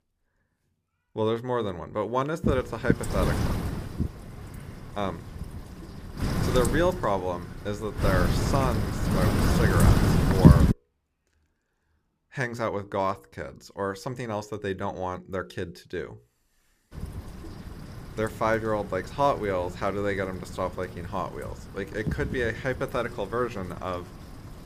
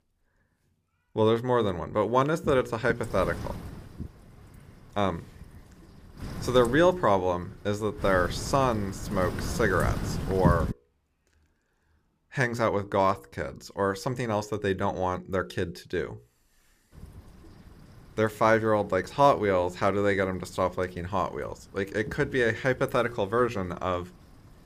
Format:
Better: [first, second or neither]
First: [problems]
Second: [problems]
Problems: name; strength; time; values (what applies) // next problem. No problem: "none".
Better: second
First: wind noise on the microphone; heavy; from 2.5 to 11 s and from 17 s on; 2 dB below the speech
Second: wind noise on the microphone; occasional gusts; from 2.5 to 11 s and from 17 s on; 15 dB below the speech